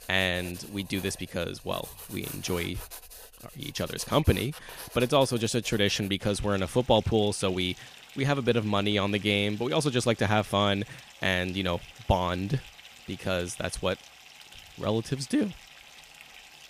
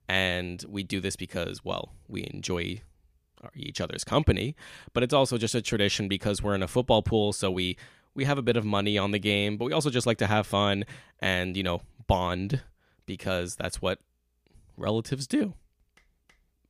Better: second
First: household noises; noticeable; throughout; 20 dB below the speech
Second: none

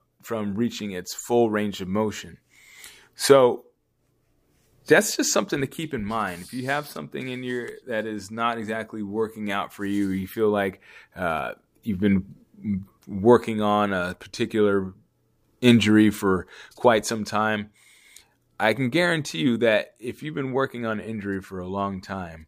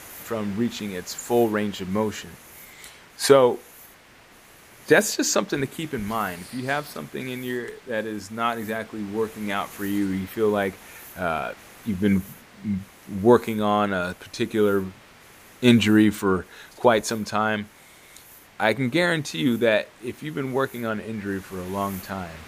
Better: first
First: none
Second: hiss; faint; throughout; 20 dB below the speech

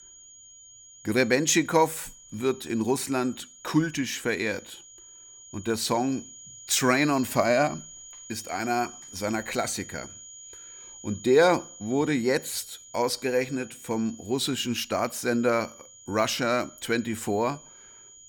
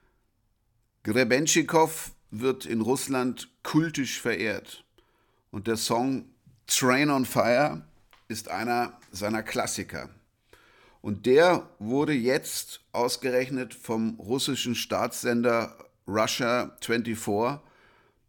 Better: second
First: high-pitched whine; noticeable; throughout; 7 kHz, 20 dB below the speech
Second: none

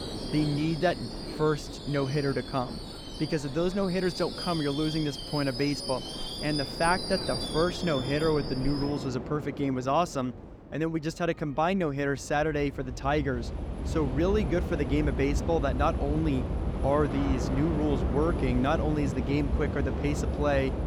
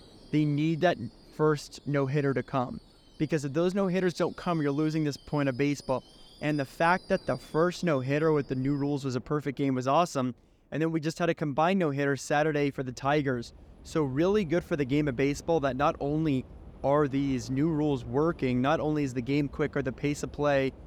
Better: second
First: train or aircraft noise; loud; throughout; 4 dB below the speech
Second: train or aircraft noise; faint; throughout; 25 dB below the speech

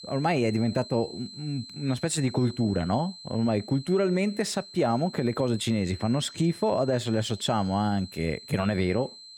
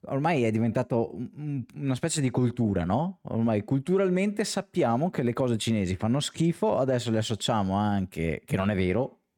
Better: second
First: high-pitched whine; noticeable; throughout; 4 kHz, 15 dB below the speech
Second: none

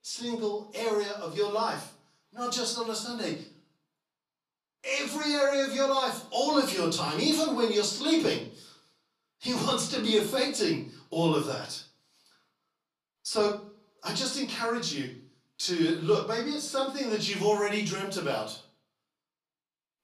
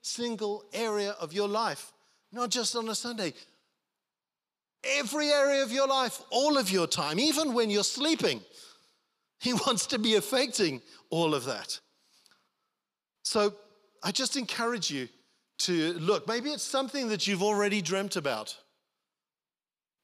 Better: second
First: off-mic speech; far // room echo; slight; dies away in 0.4 s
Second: none

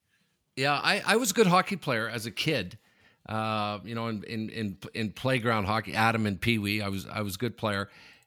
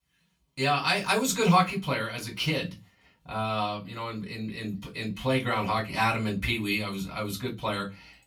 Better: first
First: none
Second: off-mic speech; far // room echo; very slight; dies away in 0.2 s

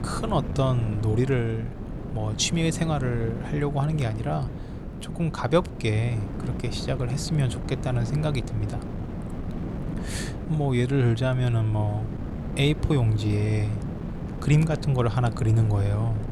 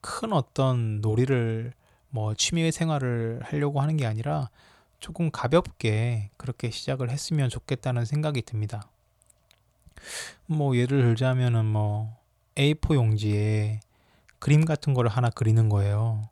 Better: second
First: wind noise on the microphone; occasional gusts; 10 dB below the speech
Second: none

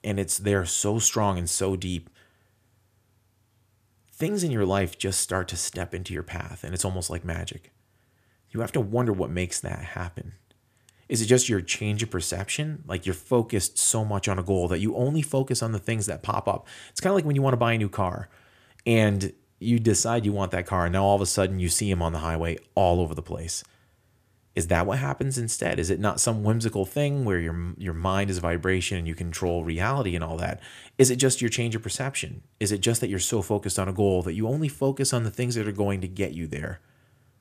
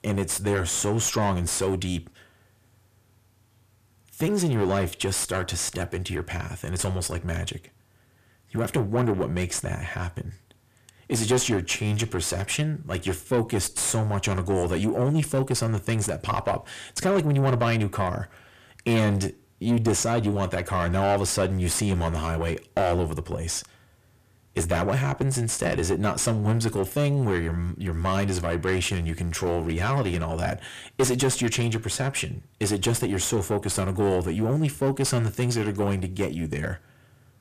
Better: first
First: none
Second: distortion; heavy; 7 dB below the speech

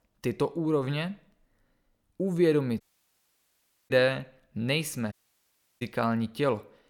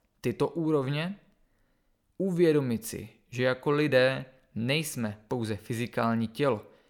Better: second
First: audio cutting out; at 3 s for 1 s and at 5 s for 0.5 s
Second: none

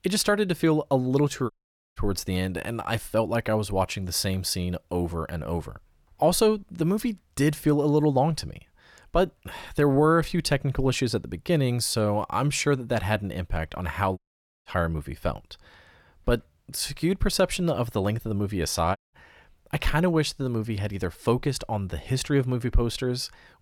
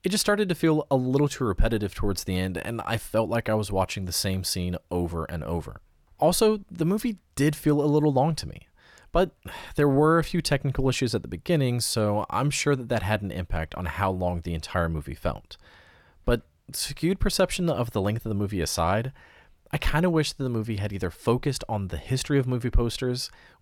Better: second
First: audio cutting out; at 1.5 s, at 14 s and at 19 s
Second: none

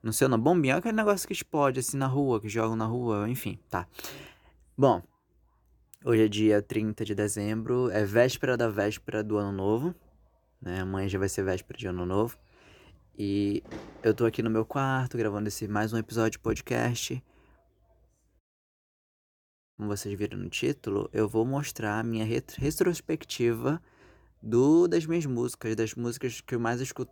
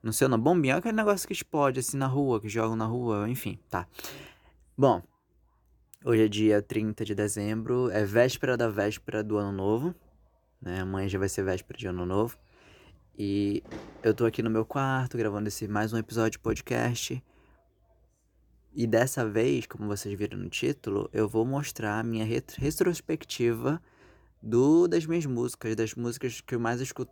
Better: second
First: audio cutting out; at 18 s for 1.5 s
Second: none

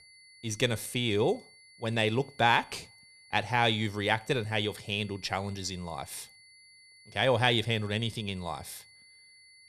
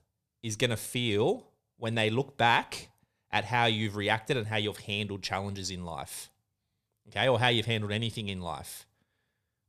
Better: second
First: high-pitched whine; faint; throughout; 2 kHz, 25 dB below the speech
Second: none

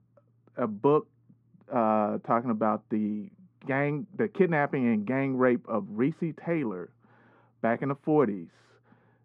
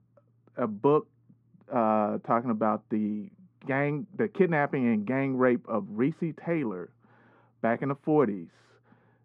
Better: neither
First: muffled; very; fading above 3 kHz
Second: muffled; very; fading above 3 kHz

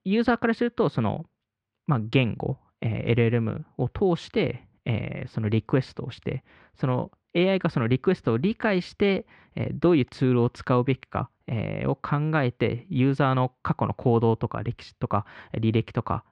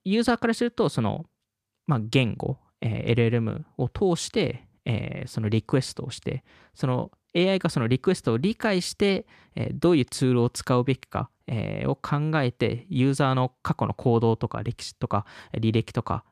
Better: second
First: muffled; slightly; fading above 2.5 kHz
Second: none

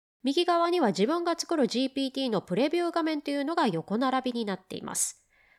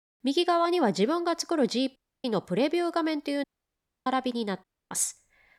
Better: first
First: none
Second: audio cutting out; at 2 s, at 3.5 s for 0.5 s and at 4.5 s

